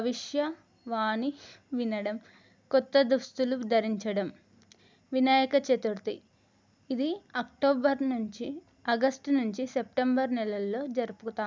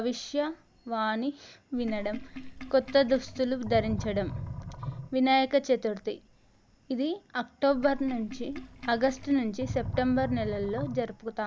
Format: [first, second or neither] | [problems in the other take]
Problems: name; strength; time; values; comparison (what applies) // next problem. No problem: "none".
first | background sound (Sink (filling or washing)); 11 dB below the speech